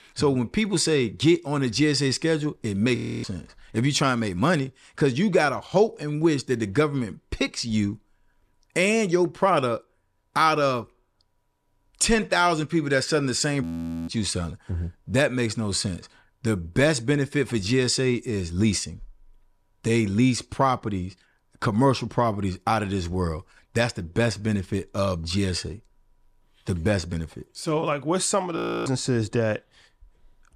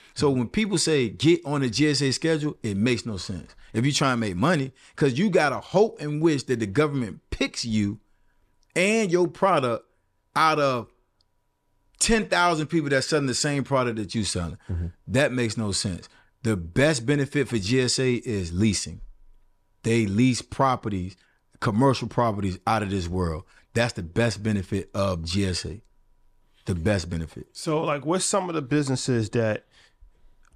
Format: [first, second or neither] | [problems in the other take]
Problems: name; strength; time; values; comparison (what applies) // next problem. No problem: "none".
second | audio freezing; at 3 s, at 14 s and at 29 s